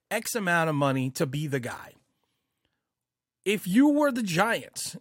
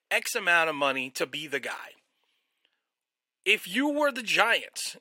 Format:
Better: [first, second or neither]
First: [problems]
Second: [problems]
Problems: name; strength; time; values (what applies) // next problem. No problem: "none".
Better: first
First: none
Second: thin; somewhat; fading below 450 Hz